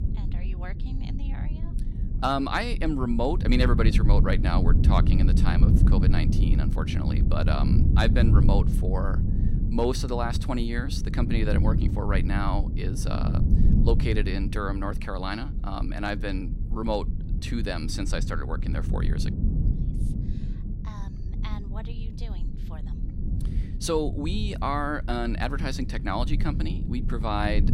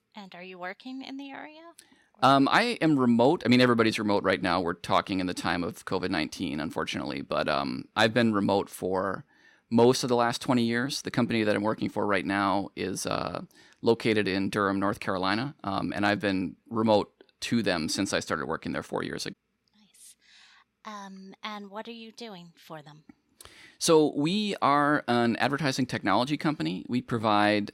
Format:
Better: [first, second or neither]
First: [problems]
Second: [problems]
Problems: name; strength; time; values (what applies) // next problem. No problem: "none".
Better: second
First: low rumble; loud; throughout; 9 dB below the speech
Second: none